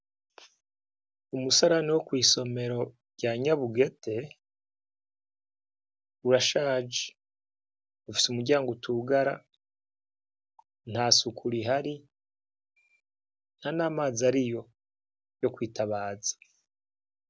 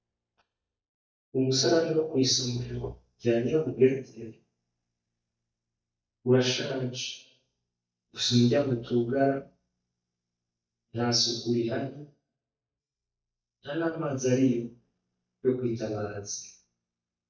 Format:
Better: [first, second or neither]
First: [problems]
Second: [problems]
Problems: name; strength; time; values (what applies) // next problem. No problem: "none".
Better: first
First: none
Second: noise reduction (neural mask model DeepFilterNet 3)